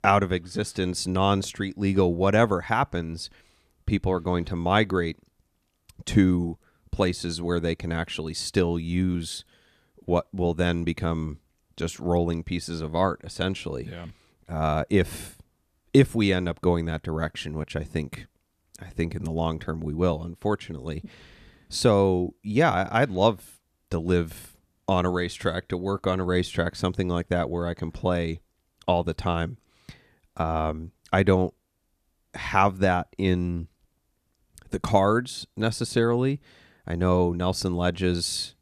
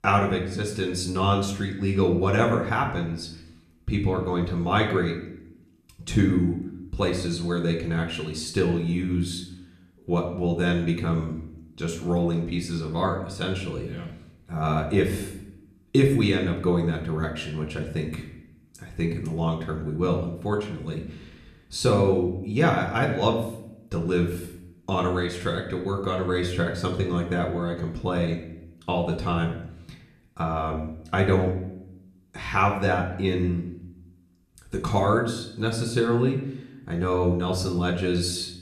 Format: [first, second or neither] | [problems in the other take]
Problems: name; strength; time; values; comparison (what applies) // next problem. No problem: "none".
first | room echo; slight; dies away in 0.6 s // off-mic speech; somewhat distant